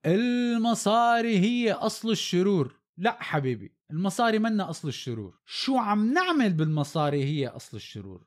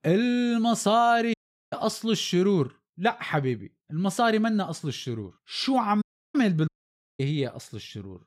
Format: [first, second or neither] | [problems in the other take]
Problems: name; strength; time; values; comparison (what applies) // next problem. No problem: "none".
first | audio cutting out; at 1.5 s, at 6 s and at 6.5 s for 0.5 s